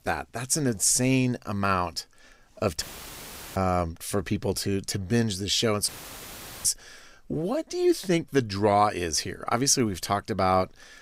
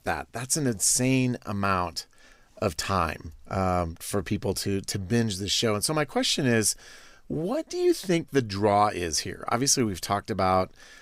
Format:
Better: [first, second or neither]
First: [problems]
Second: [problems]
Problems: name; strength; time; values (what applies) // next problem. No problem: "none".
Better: second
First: audio cutting out; filled with static; at 3 s for 0.5 s and at 6 s for 1 s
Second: none